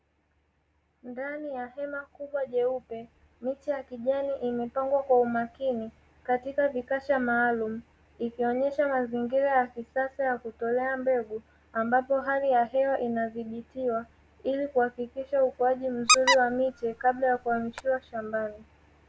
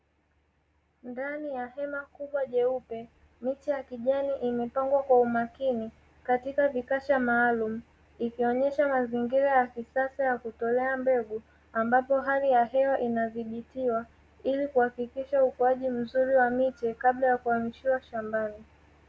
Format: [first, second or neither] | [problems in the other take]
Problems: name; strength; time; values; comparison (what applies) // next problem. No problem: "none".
second | background sound (Squeak); as loud as the speech